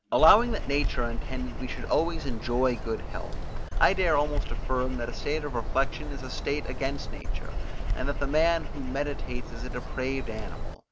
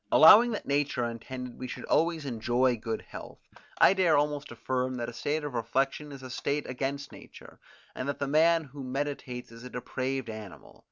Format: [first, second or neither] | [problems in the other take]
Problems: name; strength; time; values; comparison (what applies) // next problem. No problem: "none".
second | background sound (Bird vocalization, bird call, bird song); as loud as the speech